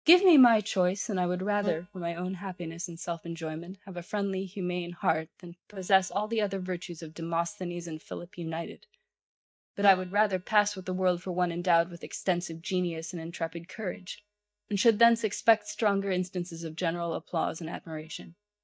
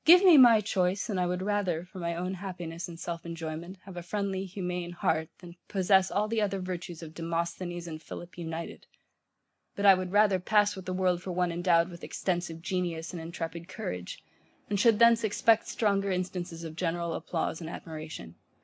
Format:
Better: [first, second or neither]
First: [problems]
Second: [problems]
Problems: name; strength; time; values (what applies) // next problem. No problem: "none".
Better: second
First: noise reduction (neural mask model DeepFilterNet 3)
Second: none